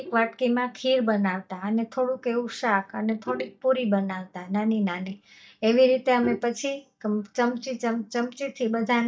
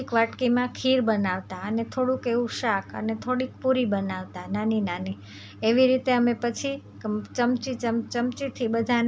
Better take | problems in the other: second | noise reduction (neural mask model DeepFilterNet 3)

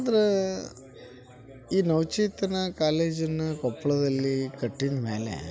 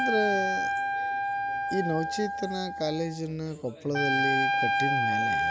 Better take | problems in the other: first | background sound (Trumpet); 3 dB above the speech

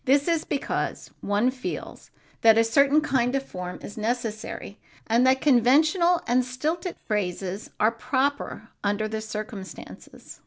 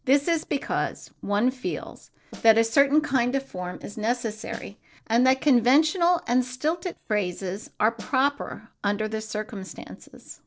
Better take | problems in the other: first | noise reduction (neural separator model SepFormer DNS4)

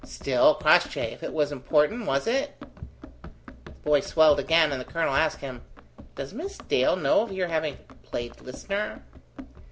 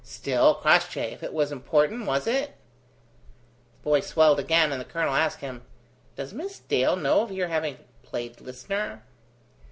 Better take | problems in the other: second | background sound (Run); 18 dB below the speech

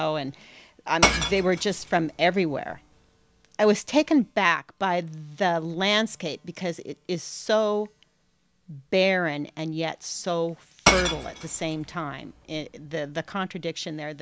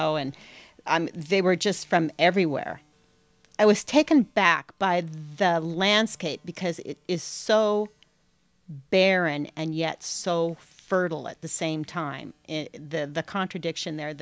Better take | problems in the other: second | background sound (Shatter / Crushing); 3 dB below the speech

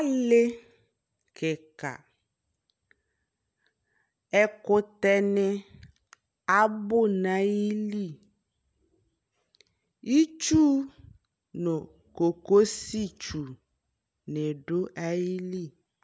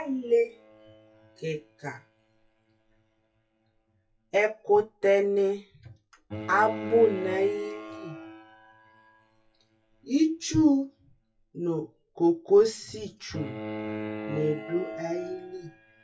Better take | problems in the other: first | noise reduction (classical method WPE with log-MMSE)

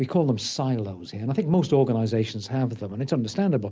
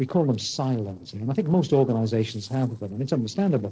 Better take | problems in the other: first | noise reduction (neural separator model SepFormer DNS4)

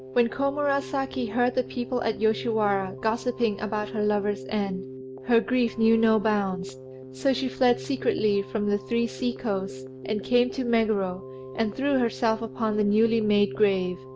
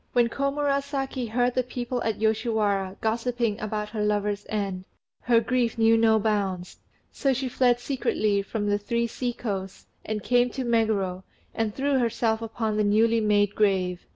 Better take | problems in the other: second | background sound (Keyboard (musical)); 13 dB below the speech

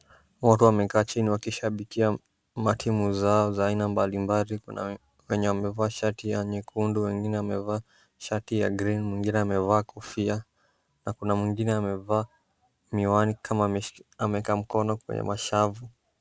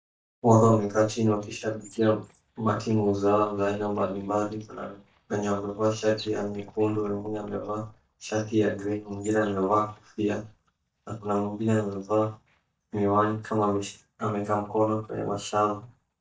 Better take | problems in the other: first | noise reduction (neural mask model DeepFilterNet 3)

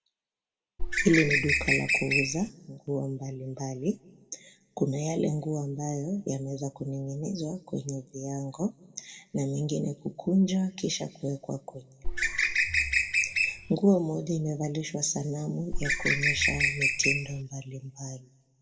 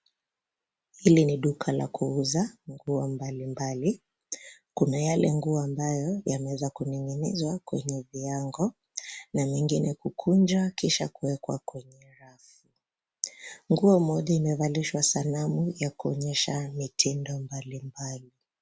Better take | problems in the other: second | background sound (Bird); 4 dB above the speech // room echo; dies away in 1 s

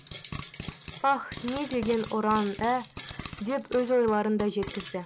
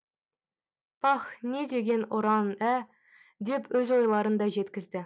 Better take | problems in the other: second | background sound (Frying (food)); 13 dB below the speech

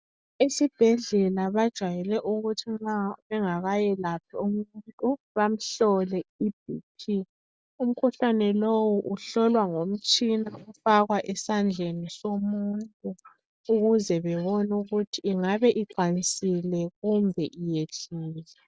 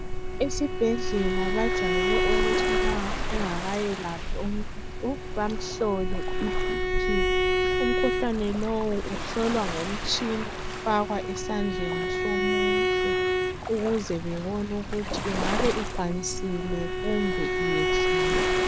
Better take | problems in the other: first | background sound (Bowed string instrument + Waves, surf); 3 dB above the speech

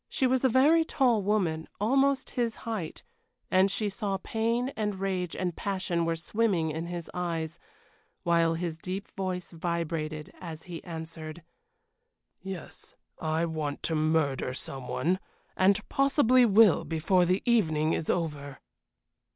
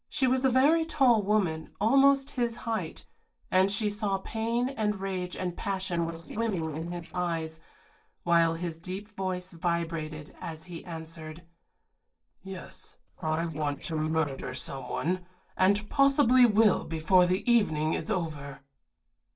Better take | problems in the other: first | noise reduction (neural separator model SepFormer DNS4)

